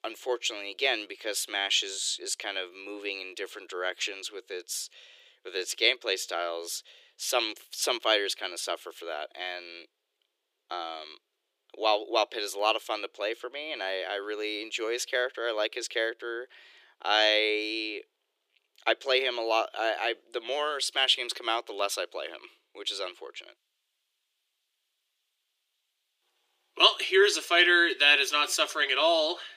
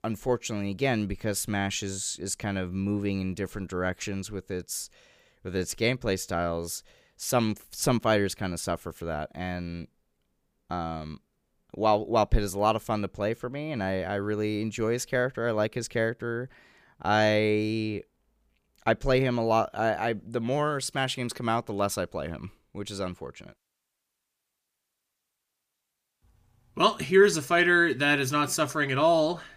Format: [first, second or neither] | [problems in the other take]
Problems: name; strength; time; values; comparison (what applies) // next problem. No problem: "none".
second | thin; very; fading below 350 Hz